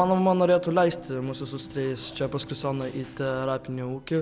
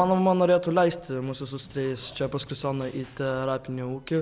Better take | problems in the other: second | background sound (Bowed string instrument); 20 dB below the speech

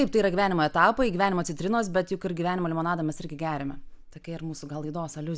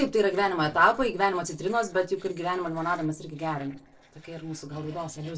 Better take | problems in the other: first | noise reduction (neural separator model SepFormer DNS4)

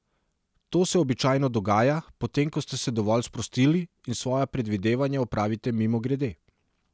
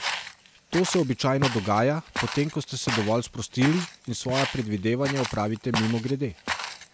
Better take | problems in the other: first | background sound (Walk, footsteps); 8 dB below the speech

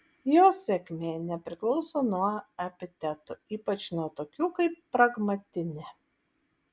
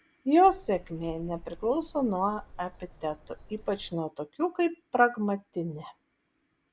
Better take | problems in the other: first | background sound (Bird vocalization, bird call, bird song); 19 dB below the speech

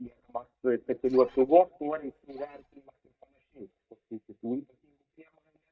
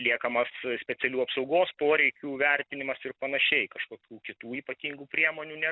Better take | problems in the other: second | noise reduction (neural mask model DeepFilterNet 3)

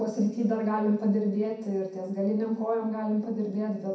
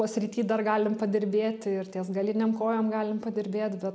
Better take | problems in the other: second | room echo; dies away in 0.6 s

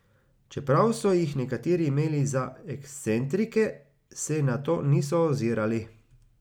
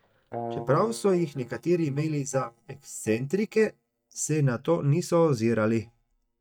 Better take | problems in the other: first | noise reduction (neural mask model DeepFilterNet 3)

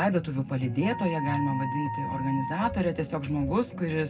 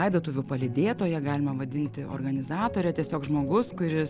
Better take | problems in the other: second | background sound (Wind instrument, woodwind instrument); 9 dB below the speech // room echo; dies away in 0.3 s

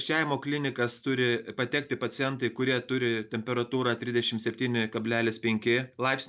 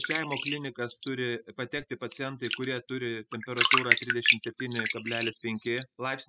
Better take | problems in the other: first | noise reduction (classical method spectral subtraction)

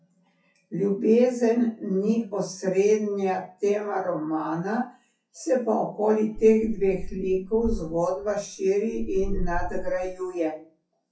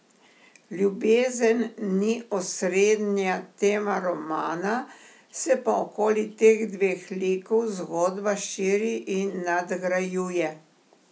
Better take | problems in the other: second | noise reduction (classical method WPE with log-MMSE)

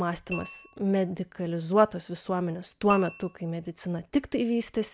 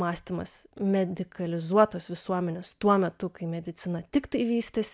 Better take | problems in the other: second | background sound (Tap / Glass); 17 dB below the speech

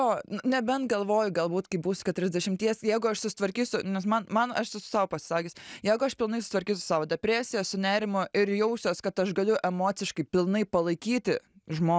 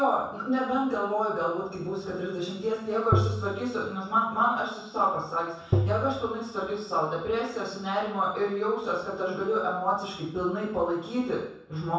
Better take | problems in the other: first | background sound (Tap); 1 dB above the speech // room echo; dies away in 0.7 s

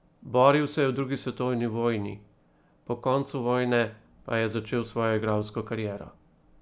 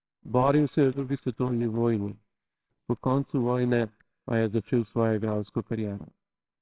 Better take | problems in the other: first | noise reduction (neural separator model SepFormer WHAMR!)

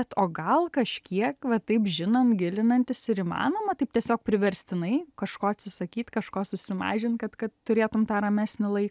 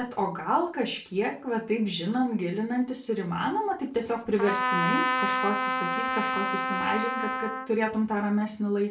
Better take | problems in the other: first | background sound (Trumpet); as loud as the speech // room echo; dies away in 0.3 s

